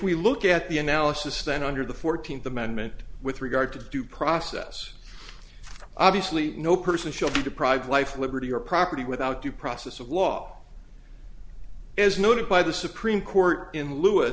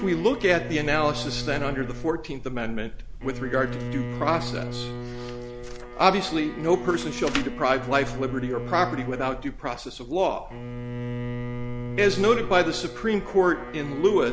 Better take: first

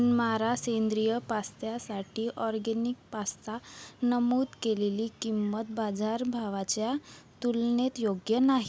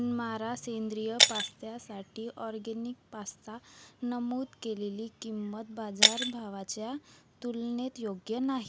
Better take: first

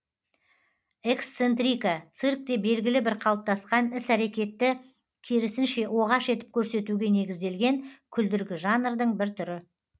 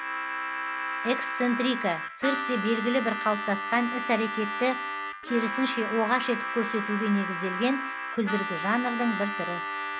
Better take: first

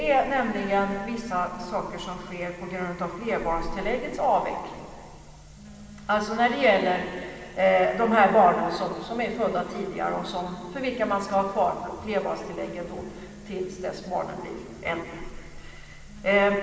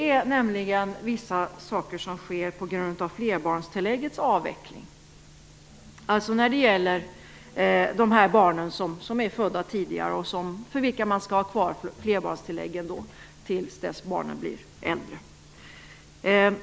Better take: second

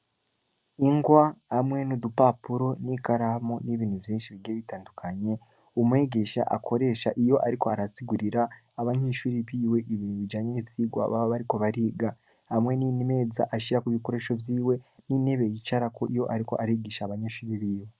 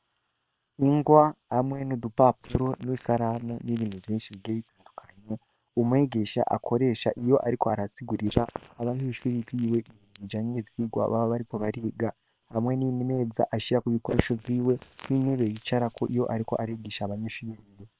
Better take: first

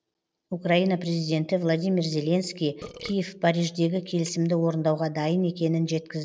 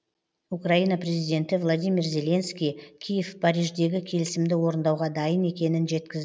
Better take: second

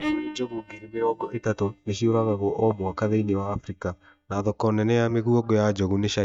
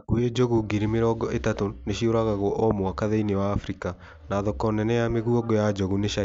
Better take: second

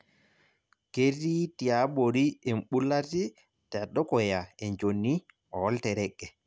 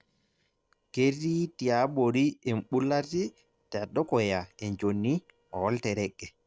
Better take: first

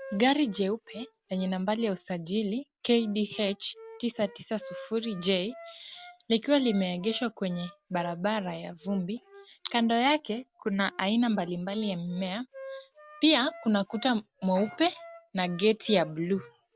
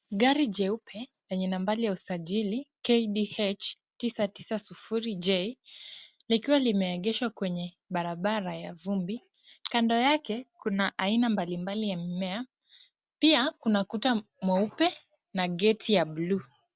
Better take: second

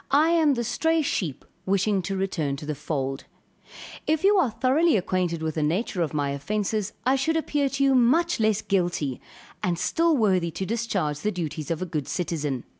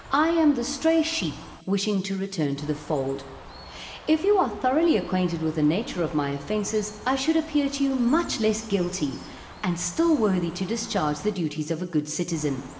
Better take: first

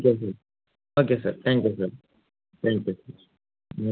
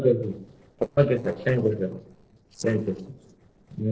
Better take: first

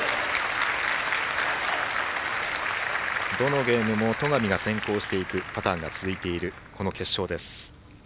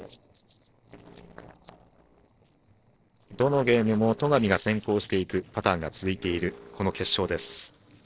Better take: first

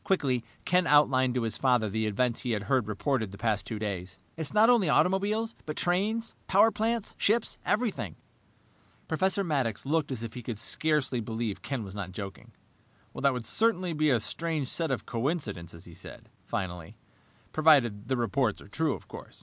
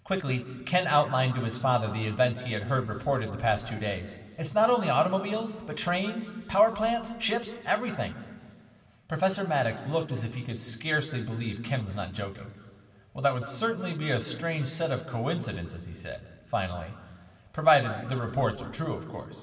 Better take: first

